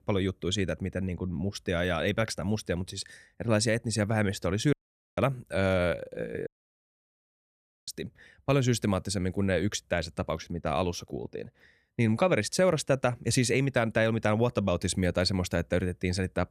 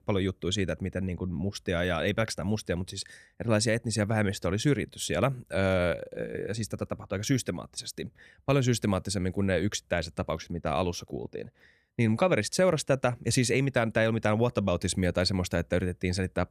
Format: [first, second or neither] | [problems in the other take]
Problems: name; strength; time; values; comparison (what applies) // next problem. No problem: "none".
second | audio cutting out; at 4.5 s and at 6.5 s for 1.5 s